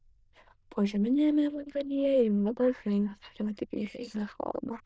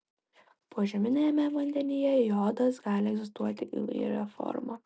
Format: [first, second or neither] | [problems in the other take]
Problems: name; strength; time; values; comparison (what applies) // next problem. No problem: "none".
second | noise reduction (neural diffusion model UNIVERSE++)